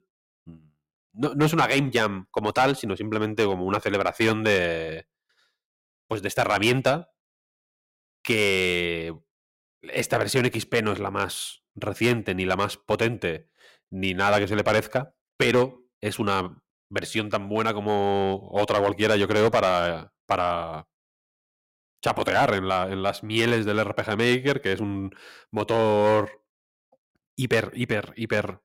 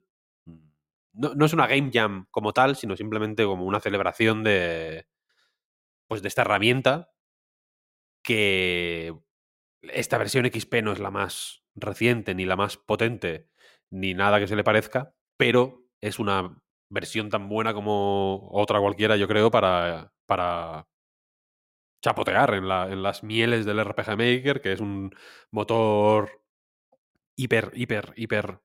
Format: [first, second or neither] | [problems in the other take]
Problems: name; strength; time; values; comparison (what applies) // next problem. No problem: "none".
second | distortion; slight; 3% of the sound clipped